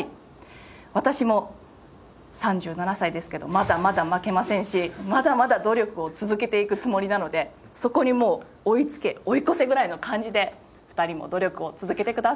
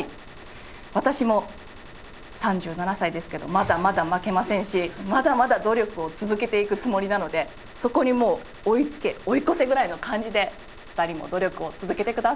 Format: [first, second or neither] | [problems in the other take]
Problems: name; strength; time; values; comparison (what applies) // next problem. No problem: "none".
first | background sound (Gunshot, gunfire); 18 dB below the speech